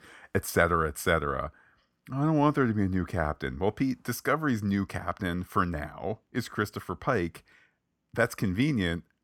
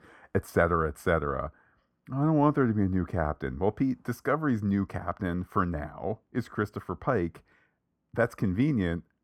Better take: first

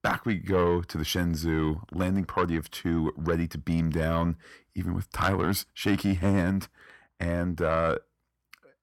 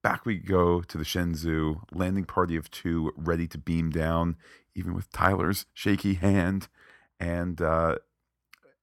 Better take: second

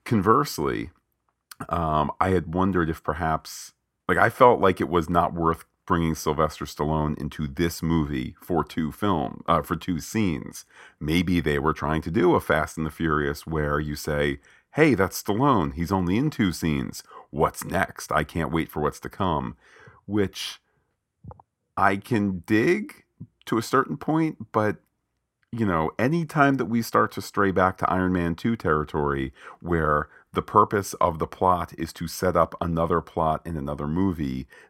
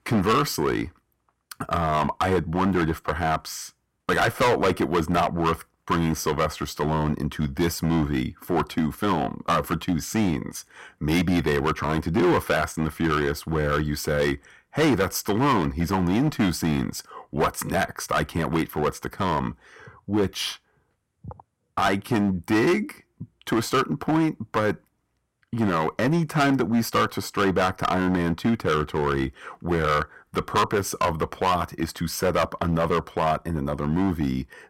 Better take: first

